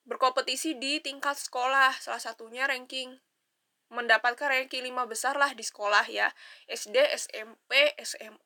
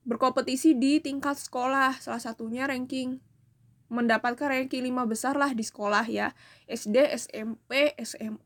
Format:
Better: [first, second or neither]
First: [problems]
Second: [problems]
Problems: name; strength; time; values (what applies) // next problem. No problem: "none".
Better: second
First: thin; very; fading below 500 Hz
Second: none